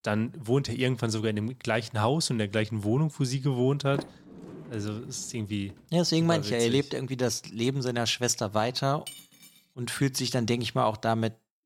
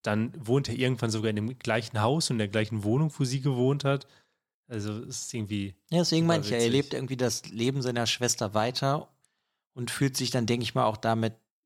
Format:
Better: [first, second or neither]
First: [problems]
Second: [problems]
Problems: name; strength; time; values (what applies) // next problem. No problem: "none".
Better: second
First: door banging; faint; from 4 to 5 s; peak 10 dB below the speech // clattering dishes; faint; at 9 s; peak 15 dB below the speech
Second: none